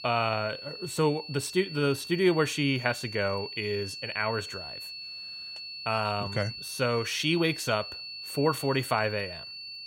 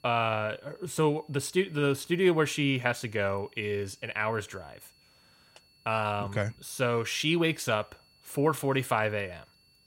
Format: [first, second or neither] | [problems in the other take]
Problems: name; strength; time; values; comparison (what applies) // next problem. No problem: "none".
second | high-pitched whine; loud; throughout; 4.5 kHz, 9 dB below the speech; faint in the second